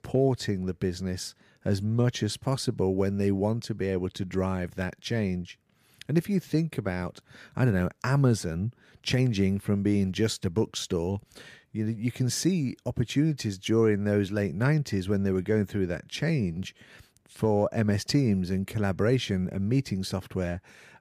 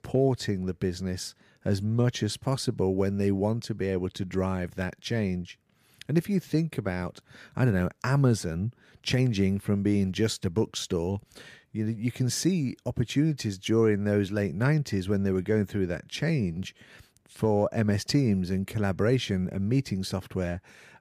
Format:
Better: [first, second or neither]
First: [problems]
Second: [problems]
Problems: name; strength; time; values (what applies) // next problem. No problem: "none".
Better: neither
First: none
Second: none